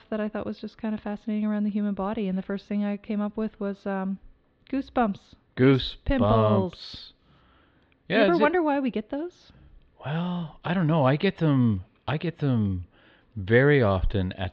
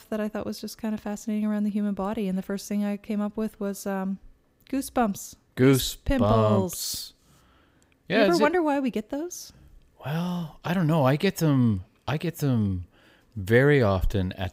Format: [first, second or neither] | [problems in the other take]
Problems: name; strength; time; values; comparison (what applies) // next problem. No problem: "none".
second | muffled; slightly; fading above 4 kHz